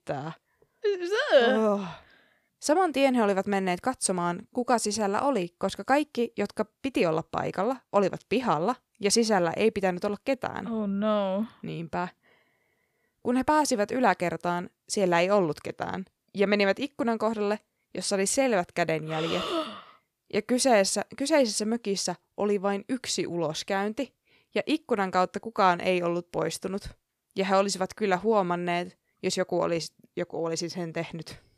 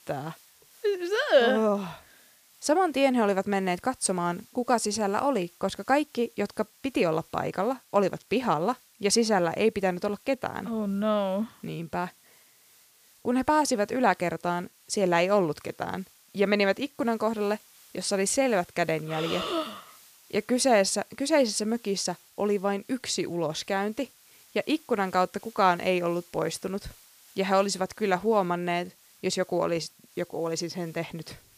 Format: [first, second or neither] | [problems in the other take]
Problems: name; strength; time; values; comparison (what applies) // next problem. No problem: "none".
first | hiss; faint; throughout; 25 dB below the speech